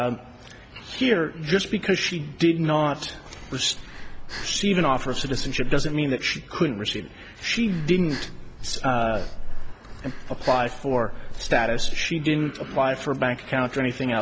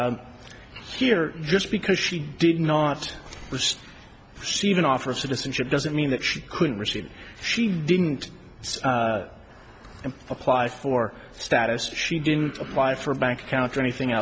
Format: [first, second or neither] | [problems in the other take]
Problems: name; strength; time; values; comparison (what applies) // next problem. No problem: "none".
second | background sound (Breathing); 3 dB below the speech